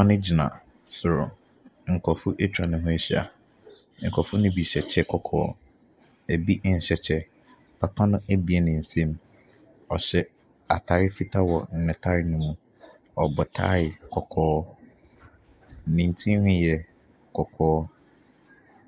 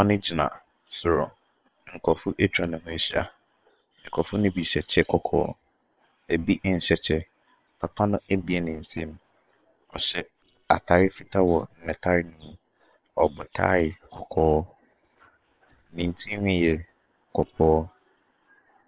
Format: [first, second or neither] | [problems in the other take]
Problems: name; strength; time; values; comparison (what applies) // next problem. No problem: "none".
first | noise reduction (neural separator model SepFormer WHAM!)